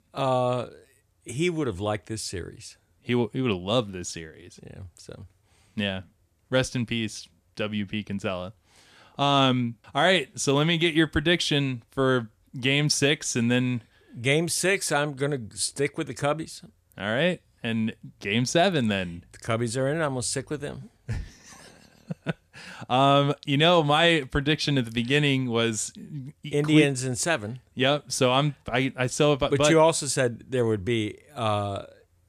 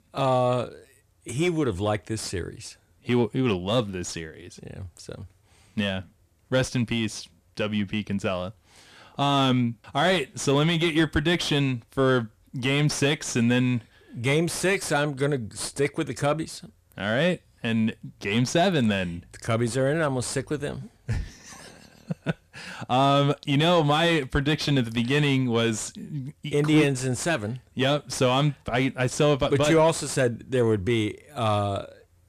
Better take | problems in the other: first | distortion; slight; 10 dB below the speech

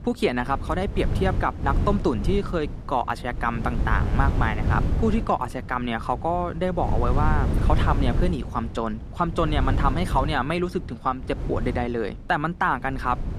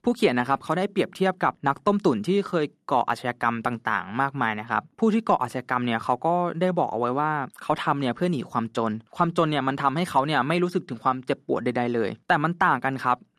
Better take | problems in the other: second | wind noise on the microphone; occasional gusts; 10 dB below the speech

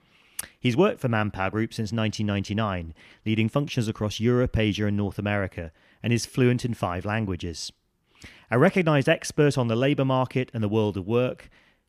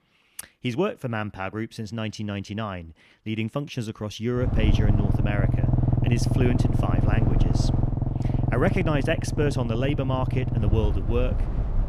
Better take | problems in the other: first | low rumble; loud; from 4.5 s on; 4 dB below the speech

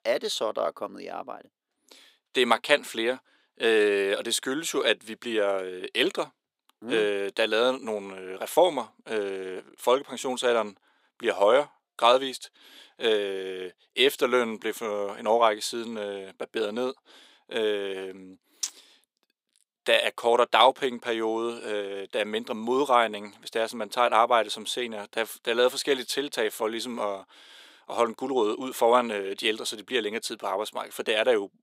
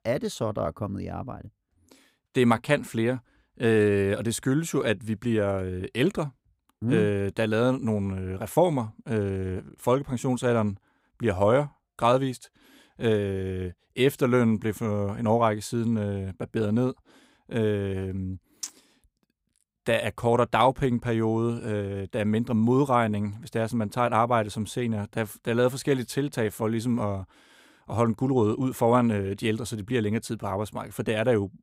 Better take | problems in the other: second | thin; somewhat; fading below 400 Hz

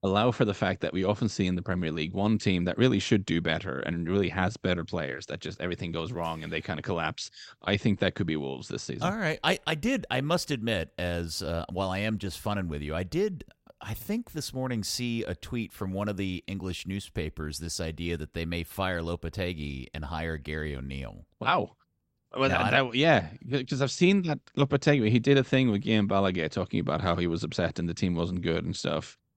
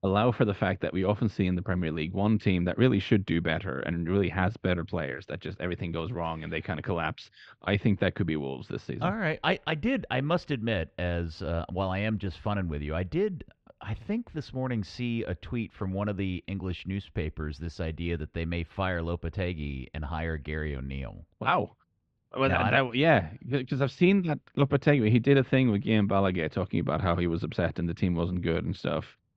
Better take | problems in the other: first | muffled; slightly; fading above 3 kHz

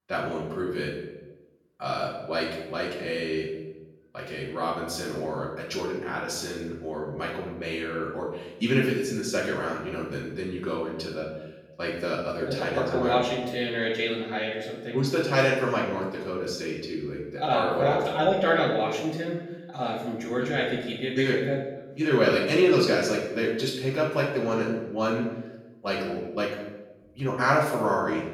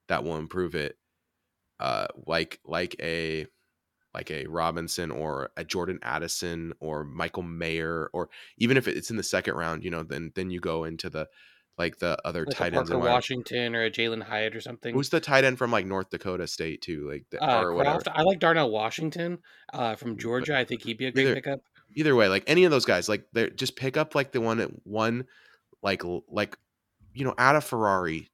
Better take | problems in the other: second | off-mic speech; far // room echo; noticeable; dies away in 0.9 s

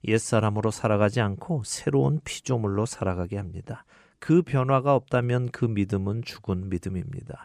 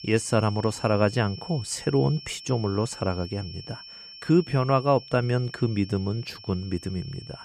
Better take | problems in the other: first | high-pitched whine; noticeable; throughout; 5.5 kHz, 15 dB below the speech

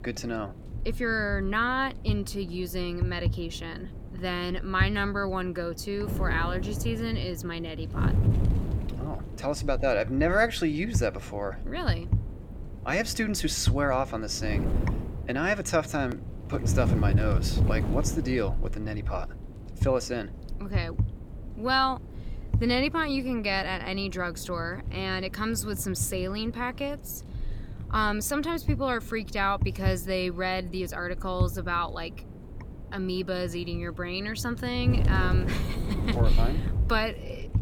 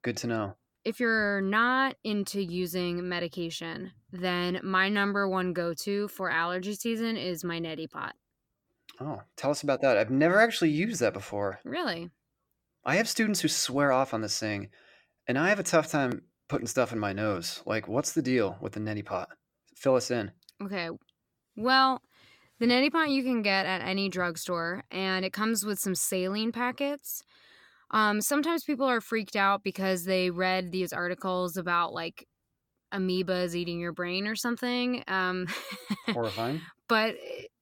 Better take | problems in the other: second | wind noise on the microphone; occasional gusts; 15 dB below the speech

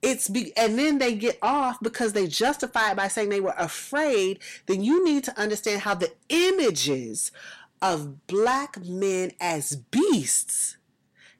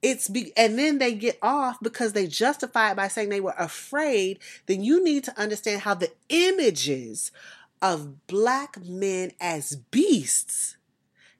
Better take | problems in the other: second | distortion; slight; 10 dB below the speech

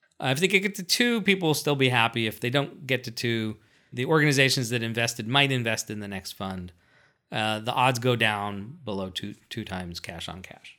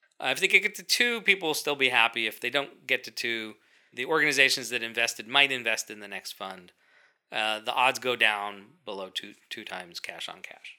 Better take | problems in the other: first | thin; somewhat; fading below 400 Hz

